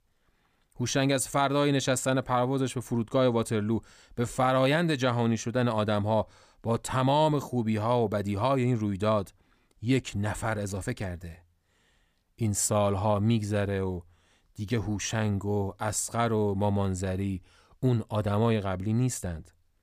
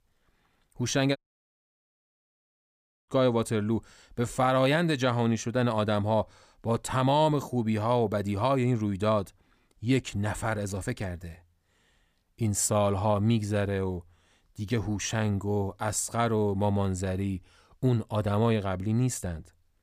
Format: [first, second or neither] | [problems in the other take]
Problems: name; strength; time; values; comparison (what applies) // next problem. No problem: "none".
first | audio cutting out; at 1 s for 2 s